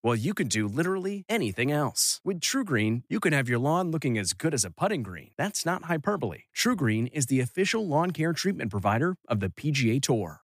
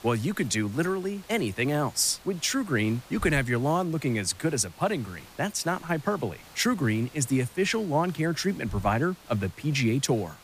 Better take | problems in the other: first | hiss; faint; throughout; 20 dB below the speech

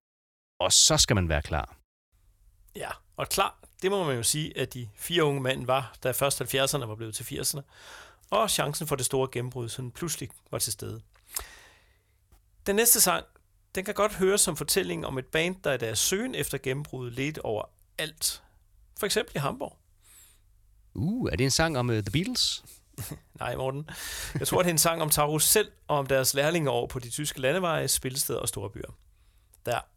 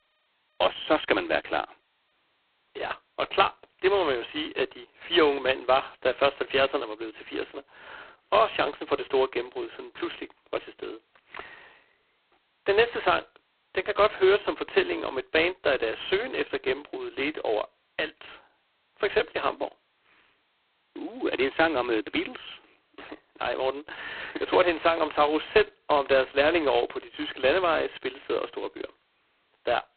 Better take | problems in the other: first | phone-call audio; poor line; nothing above 4 kHz

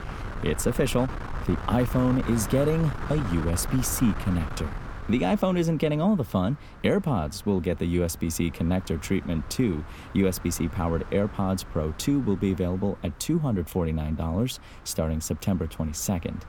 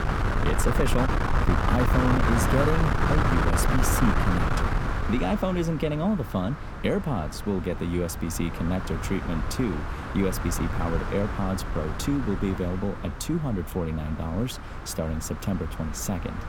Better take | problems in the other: first | wind noise on the microphone; heavy; 1 dB above the speech; occasional gusts in the first

